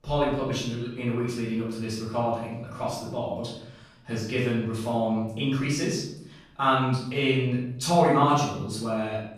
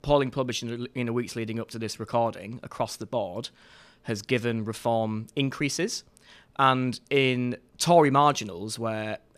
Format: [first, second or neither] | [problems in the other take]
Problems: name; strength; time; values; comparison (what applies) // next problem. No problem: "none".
second | off-mic speech; far // room echo; noticeable; dies away in 0.7 s